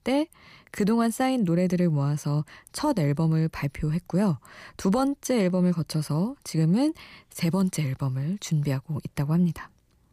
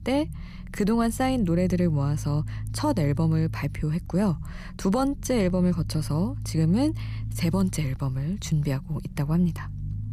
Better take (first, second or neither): first